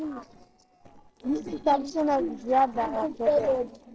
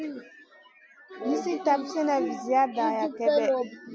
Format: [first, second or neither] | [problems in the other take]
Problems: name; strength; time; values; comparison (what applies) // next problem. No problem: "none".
second | noise reduction (neural separator model SepFormer DNS4)